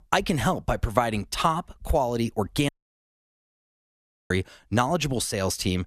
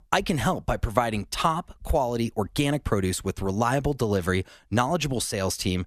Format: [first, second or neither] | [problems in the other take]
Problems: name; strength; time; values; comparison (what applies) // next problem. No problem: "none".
second | audio cutting out; at 2.5 s for 1.5 s